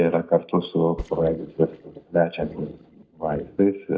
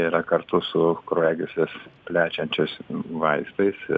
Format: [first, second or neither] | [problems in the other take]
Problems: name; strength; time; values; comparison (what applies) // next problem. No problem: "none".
second | noise reduction (neural mask model DeepFilterNet 3)